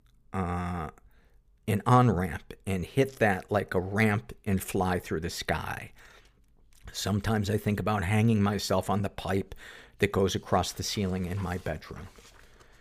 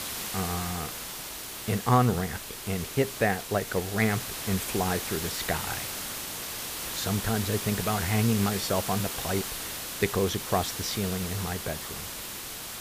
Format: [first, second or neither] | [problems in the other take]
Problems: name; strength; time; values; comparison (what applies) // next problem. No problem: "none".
first | hiss; loud; throughout; 4 dB below the speech